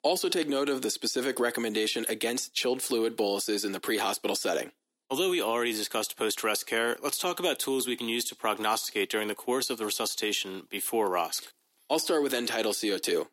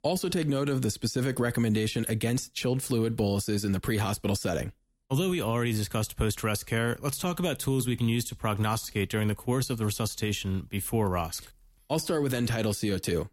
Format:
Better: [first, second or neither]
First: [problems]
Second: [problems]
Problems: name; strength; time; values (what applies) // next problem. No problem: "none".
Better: second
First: thin; somewhat; fading below 300 Hz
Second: none